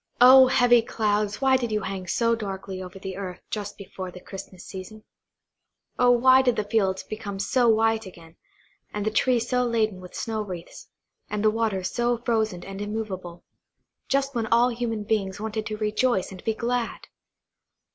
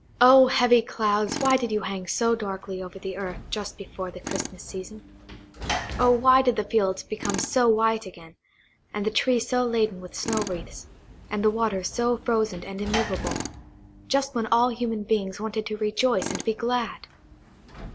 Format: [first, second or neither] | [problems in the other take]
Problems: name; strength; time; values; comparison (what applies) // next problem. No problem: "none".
first | background sound (Sliding door / Slam + Tools); 12 dB below the speech